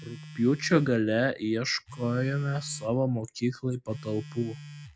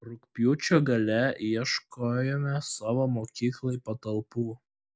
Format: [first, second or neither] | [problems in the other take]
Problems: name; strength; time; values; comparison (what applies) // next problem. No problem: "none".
second | background sound (Telephone); 17 dB below the speech